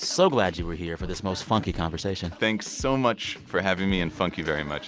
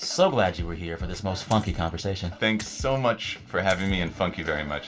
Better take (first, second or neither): first